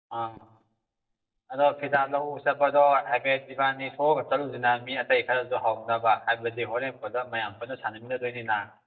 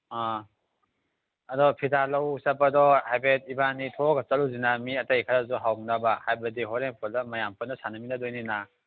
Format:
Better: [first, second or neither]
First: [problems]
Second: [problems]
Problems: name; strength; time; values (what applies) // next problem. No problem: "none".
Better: second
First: noise reduction (neural mask model DeepFilterNet 3)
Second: none